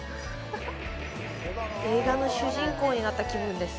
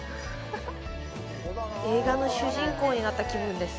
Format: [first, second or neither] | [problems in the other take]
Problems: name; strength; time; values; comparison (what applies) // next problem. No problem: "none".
second | background sound (Gunshot, gunfire); 13 dB below the speech